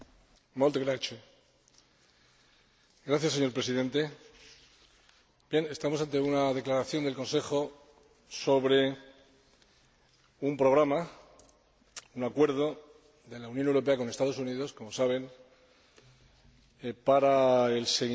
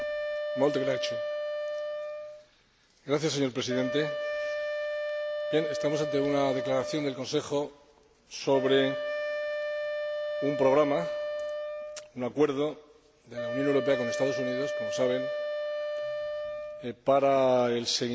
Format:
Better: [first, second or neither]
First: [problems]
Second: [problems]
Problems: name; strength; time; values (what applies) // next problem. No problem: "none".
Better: first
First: none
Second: background sound (Wind instrument, woodwind instrument); 4 dB below the speech